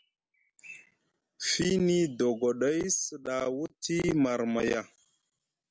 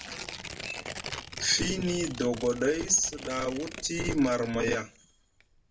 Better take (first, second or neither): first